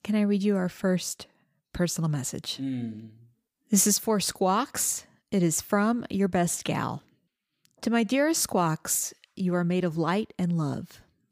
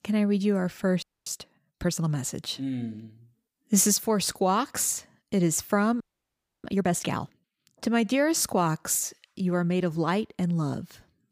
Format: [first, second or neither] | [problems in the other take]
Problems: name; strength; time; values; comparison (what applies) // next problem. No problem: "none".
first | audio freezing; at 1 s and at 6 s for 0.5 s